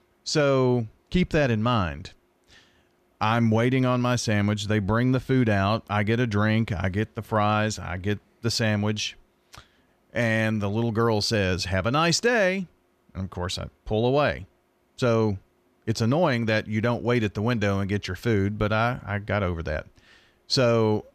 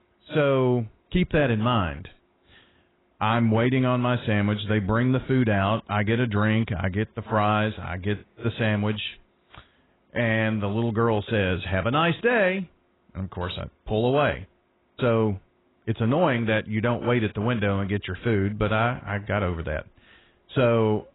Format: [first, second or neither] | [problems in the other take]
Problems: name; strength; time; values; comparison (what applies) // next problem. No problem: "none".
first | garbled, watery; badly; nothing above 4 kHz